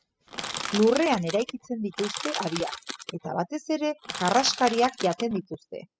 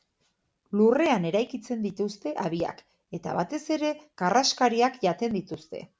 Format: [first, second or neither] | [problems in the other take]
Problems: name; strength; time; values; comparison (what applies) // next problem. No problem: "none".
second | noise reduction (classical method spectral subtraction)